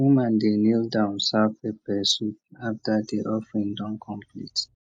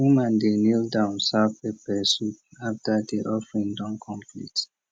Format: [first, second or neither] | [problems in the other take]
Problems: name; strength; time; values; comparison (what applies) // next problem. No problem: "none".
second | noise reduction (neural mask model Resemble Enhance denoiser)